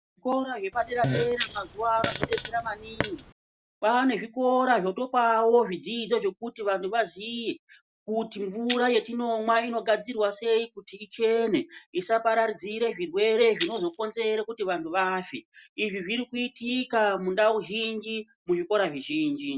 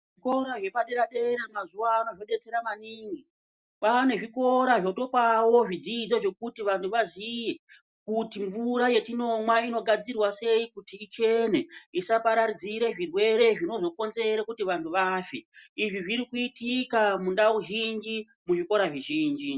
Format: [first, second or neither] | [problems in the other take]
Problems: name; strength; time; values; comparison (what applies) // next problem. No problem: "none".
second | background sound (Shatter + Fart); 10 dB below the speech